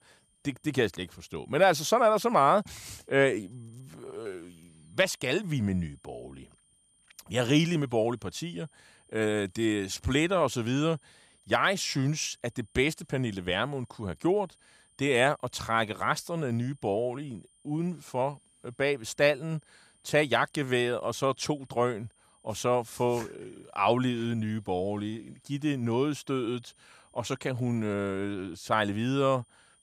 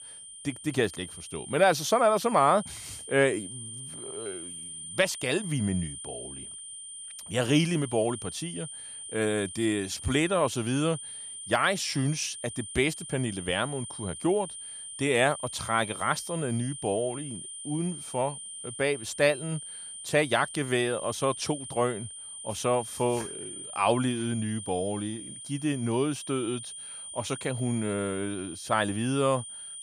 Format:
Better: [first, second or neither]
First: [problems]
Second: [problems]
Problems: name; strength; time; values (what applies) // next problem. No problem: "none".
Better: first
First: high-pitched whine; faint; throughout; 9 kHz, 35 dB below the speech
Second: high-pitched whine; loud; throughout; 9 kHz, 10 dB below the speech